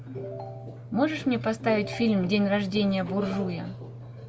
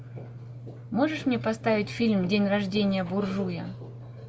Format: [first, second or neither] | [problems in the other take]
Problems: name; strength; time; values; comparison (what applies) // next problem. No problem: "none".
second | background sound (Ringtone / Chime); 15 dB below the speech